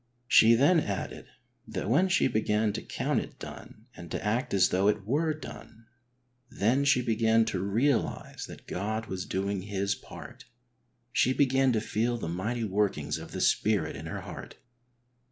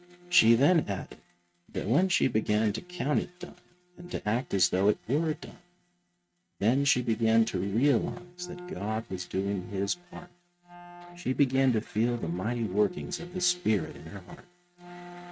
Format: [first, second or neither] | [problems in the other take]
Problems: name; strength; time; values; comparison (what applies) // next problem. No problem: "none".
first | noise reduction (neural mask model RNNoise)